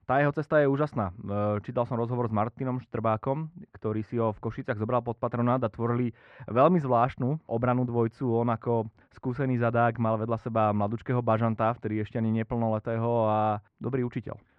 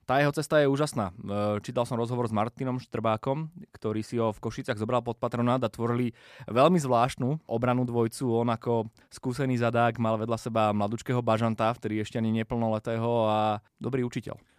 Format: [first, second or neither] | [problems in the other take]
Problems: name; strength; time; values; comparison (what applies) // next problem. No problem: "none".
second | muffled; very; fading above 1.5 kHz